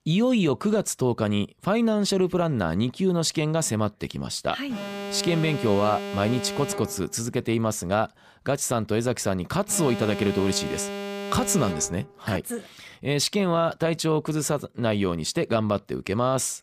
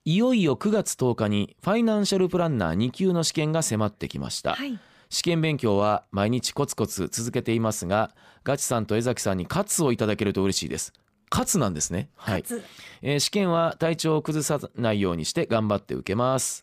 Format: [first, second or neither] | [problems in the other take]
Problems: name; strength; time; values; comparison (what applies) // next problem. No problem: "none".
second | alarm; noticeable; from 4.5 to 12 s; peak 7 dB below the speech